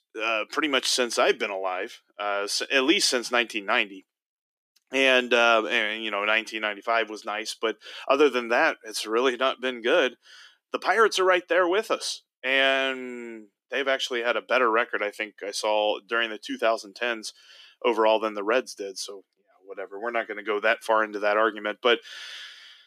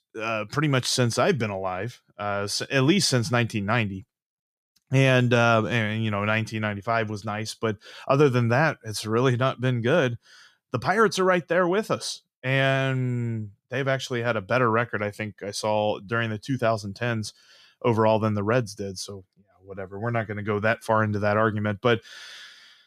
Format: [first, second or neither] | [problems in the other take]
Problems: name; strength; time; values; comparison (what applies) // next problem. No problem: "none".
second | thin; somewhat; fading below 300 Hz